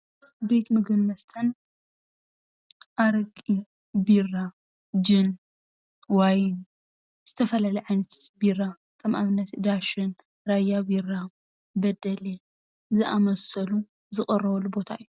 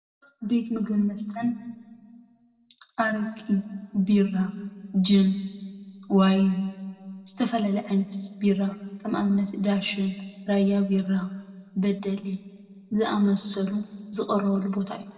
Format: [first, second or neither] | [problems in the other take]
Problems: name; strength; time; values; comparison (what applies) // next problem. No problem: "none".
first | room echo; dies away in 1.6 s